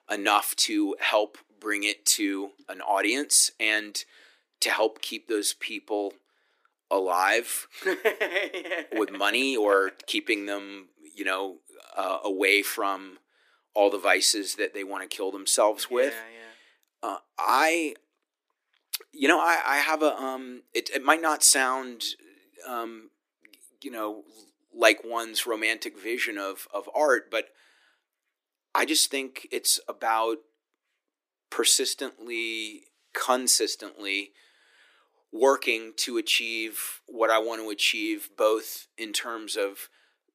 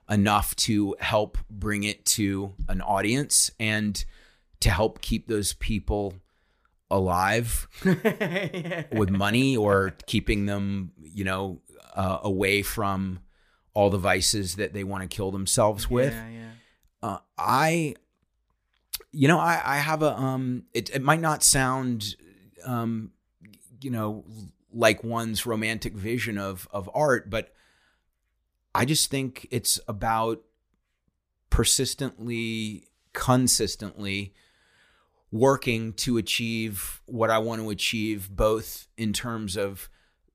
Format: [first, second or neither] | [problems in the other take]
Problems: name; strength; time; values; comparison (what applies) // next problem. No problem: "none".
second | thin; somewhat; fading below 300 Hz